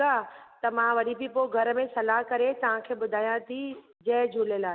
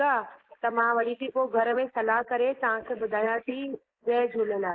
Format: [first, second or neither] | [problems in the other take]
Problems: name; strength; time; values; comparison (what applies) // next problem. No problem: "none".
first | noise reduction (neural mask model Resemble Enhance denoiser)